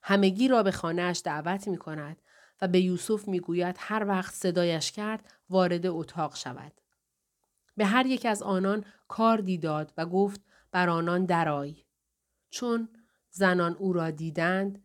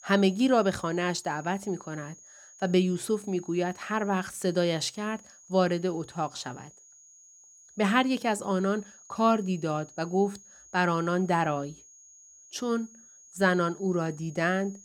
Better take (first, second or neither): first